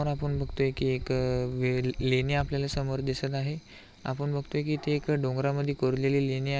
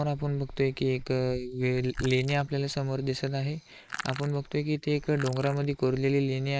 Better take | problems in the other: first | noise reduction (neural mask model Resemble Enhance denoiser)

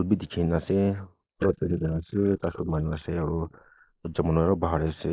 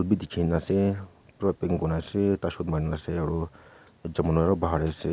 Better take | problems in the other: second | noise reduction (neural mask model Resemble Enhance denoiser)

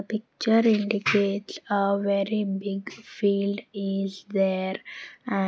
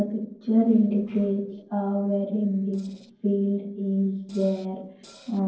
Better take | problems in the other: first | noise reduction (neural separator model SepFormer DNS4)

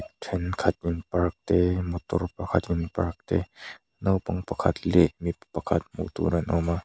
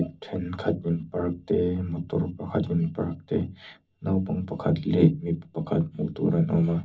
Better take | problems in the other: first | room echo; dies away in 0.4 s

